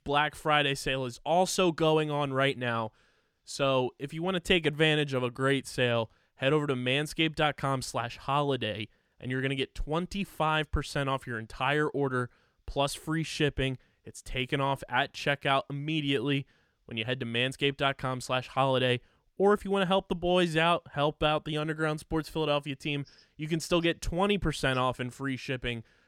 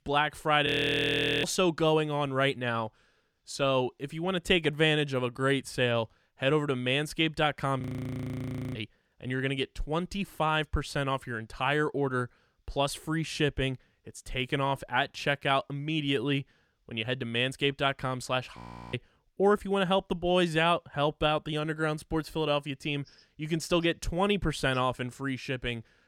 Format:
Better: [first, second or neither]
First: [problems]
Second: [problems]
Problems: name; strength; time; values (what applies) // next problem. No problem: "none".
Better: first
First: none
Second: audio freezing; at 0.5 s for 1 s, at 8 s for 1 s and at 19 s